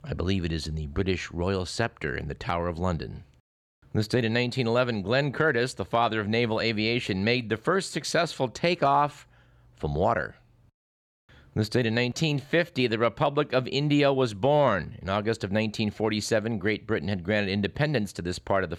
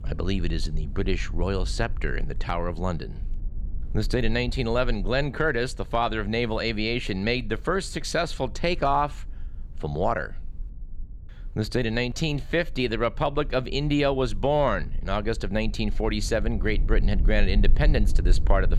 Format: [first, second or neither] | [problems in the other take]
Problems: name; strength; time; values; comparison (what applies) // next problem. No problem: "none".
first | low rumble; faint; throughout; 25 dB below the speech